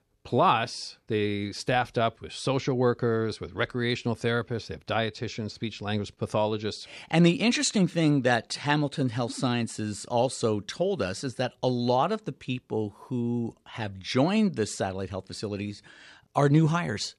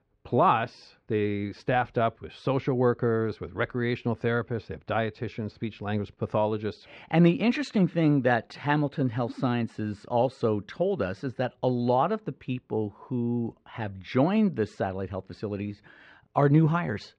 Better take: first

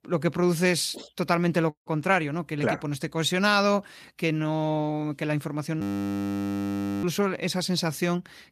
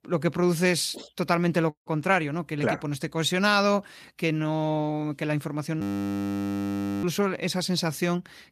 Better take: neither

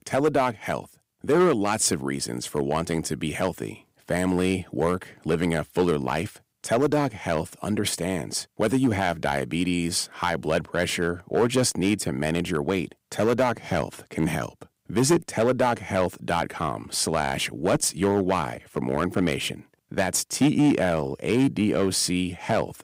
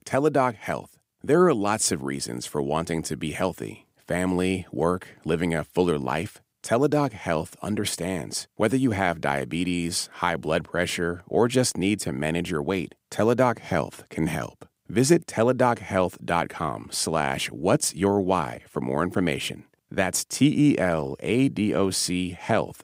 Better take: second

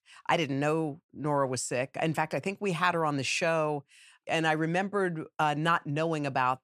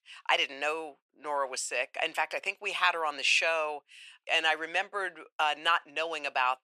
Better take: first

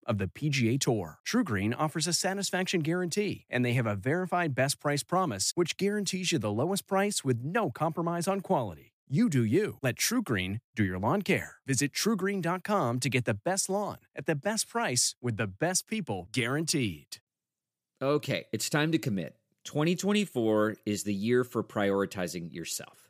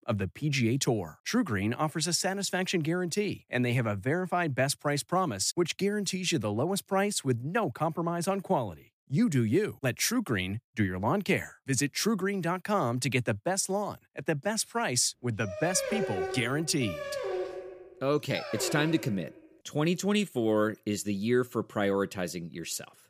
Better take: first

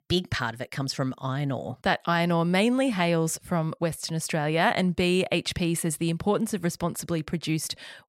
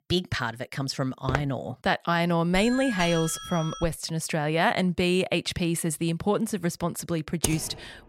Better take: first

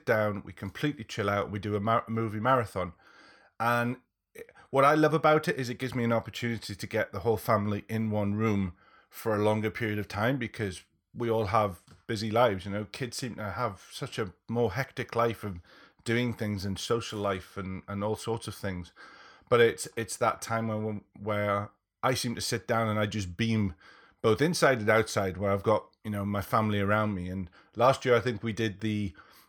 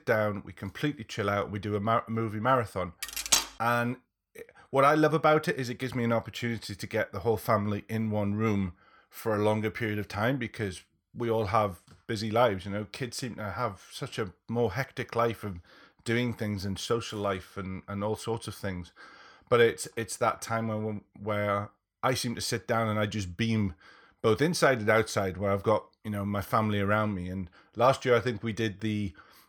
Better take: first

